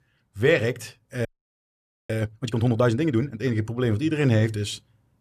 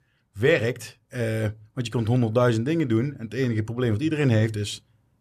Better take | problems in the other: second | audio freezing; at 1.5 s for 1 s

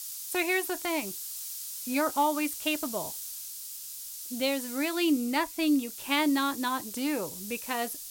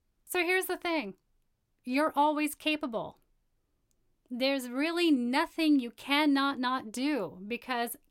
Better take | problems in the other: second | hiss; loud; throughout; 8 dB below the speech

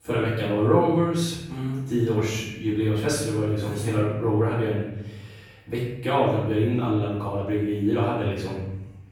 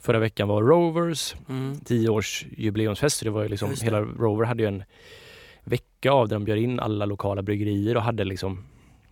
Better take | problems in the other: second | off-mic speech; far // room echo; noticeable; dies away in 0.9 s

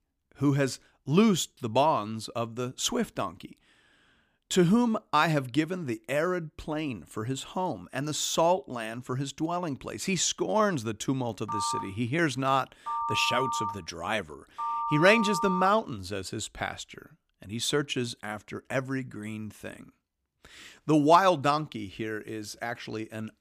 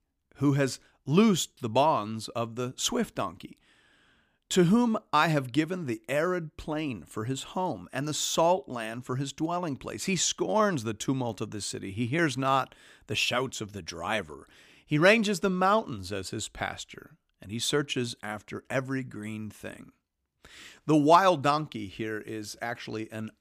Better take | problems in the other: second | phone ringing; noticeable; from 11 to 16 s; peak 2 dB below the speech

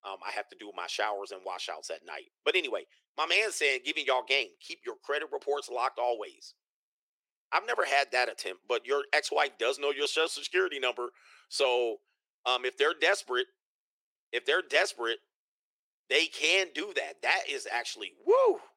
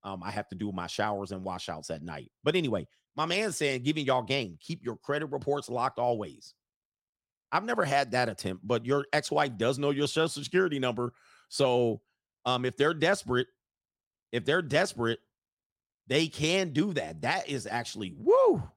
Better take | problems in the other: second | thin; very; fading below 400 Hz

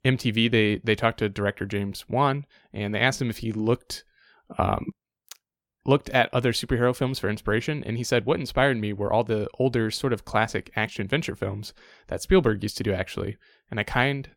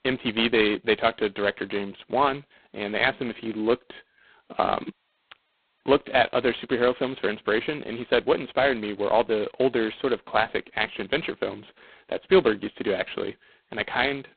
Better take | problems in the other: first | phone-call audio; poor line; nothing above 4 kHz

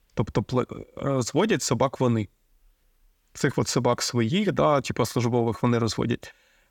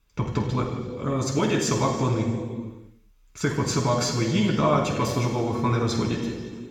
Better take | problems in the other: first | room echo; noticeable; dies away in 1.6 s // off-mic speech; somewhat distant

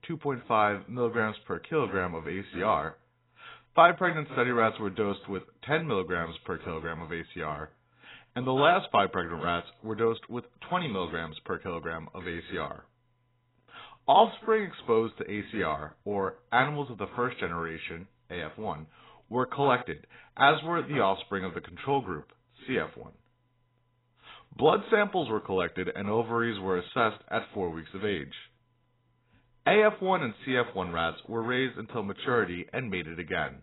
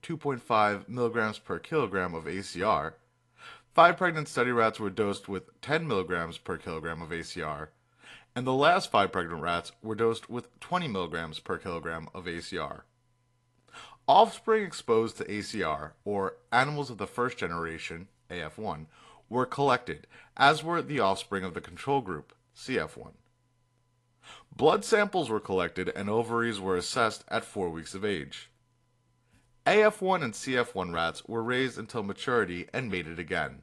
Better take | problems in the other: second | garbled, watery; badly; nothing above 4 kHz; slightly in the second

